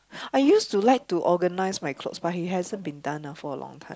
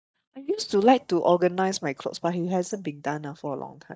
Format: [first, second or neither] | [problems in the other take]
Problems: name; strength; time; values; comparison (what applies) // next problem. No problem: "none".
first | noise reduction (neural mask model DeepFilterNet 3)